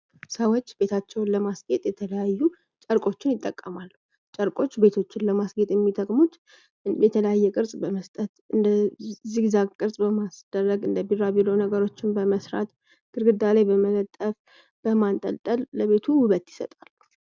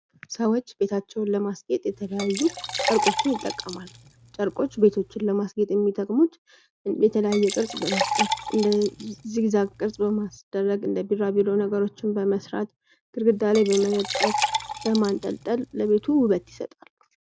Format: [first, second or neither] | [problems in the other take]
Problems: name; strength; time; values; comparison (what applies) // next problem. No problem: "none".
first | background sound (Liquid); 7 dB below the speech